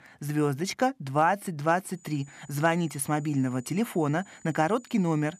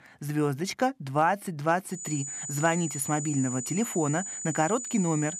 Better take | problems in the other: first | high-pitched whine; loud; from 2 s on; 7 kHz, 5 dB below the speech; faint in the first

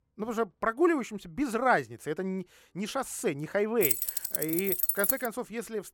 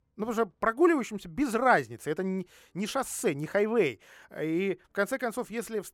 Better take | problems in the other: second | jangling keys; loud; from 4 to 5.5 s; peak 5 dB above the speech

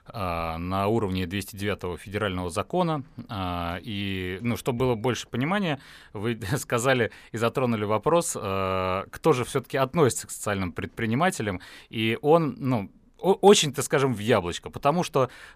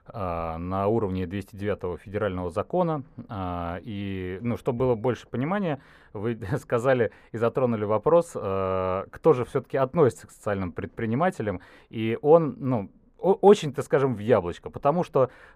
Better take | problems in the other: first | muffled; very; fading above 2.5 kHz

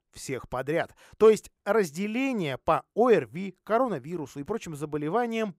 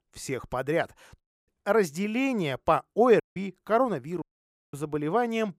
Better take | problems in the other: first | audio cutting out; at 1 s, at 3 s and at 4 s for 0.5 s

